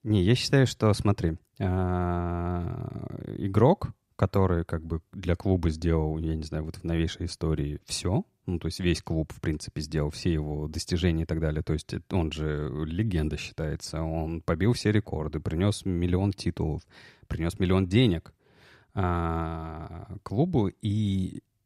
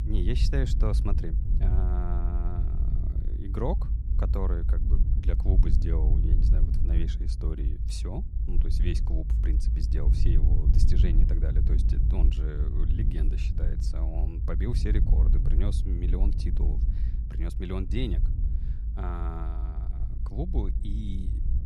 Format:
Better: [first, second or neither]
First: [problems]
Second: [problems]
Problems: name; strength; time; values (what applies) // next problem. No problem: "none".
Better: first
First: none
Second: low rumble; loud; throughout; 5 dB below the speech